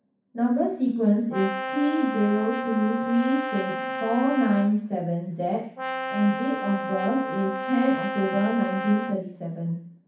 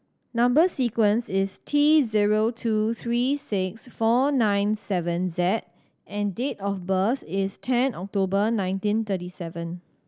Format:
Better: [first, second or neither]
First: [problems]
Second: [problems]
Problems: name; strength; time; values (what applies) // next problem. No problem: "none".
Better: second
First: background sound (Brass instrument); 6 dB below the speech // room echo; dies away in 0.6 s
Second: none